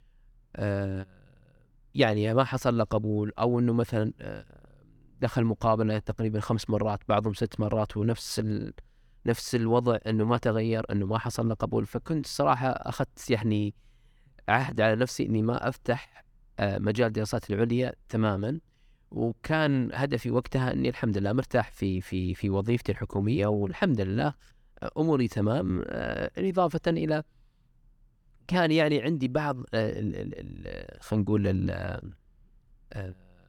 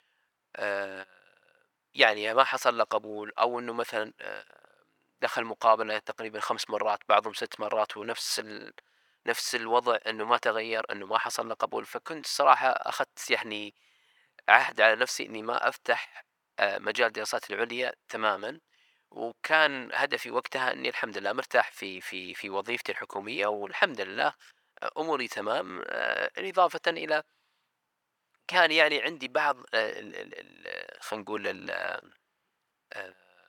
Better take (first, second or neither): first